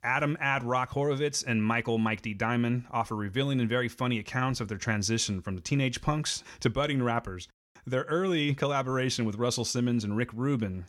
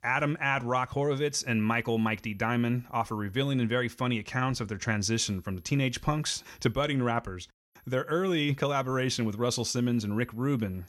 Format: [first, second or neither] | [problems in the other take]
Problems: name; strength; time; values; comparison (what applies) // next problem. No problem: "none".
first | high-pitched whine; faint; from 1 to 3.5 s, from 5 to 7 s and from 8 s on; 11.5 kHz, 35 dB below the speech